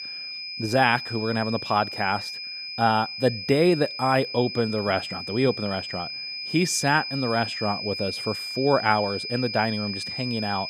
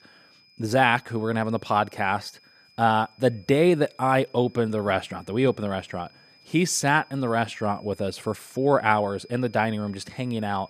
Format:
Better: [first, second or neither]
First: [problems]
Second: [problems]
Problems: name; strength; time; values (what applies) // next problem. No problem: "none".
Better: second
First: high-pitched whine; loud; throughout; 5 kHz, 6 dB below the speech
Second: high-pitched whine; faint; throughout; 5 kHz, 30 dB below the speech